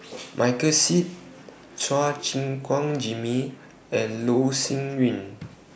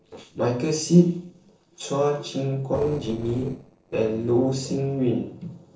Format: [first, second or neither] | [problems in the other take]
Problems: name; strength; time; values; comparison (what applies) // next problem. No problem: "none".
first | noise reduction (neural separator model SepFormer DNS4)